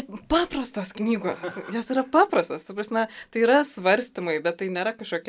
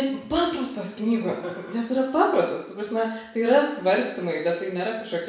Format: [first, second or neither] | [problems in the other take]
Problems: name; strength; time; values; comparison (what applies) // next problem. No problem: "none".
first | room echo; dies away in 0.6 s